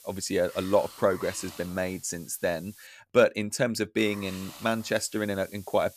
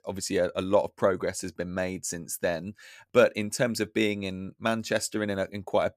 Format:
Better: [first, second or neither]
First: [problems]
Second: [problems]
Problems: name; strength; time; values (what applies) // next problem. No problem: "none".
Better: second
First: hiss; noticeable; until 3 s and from 4 s on; 20 dB below the speech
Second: none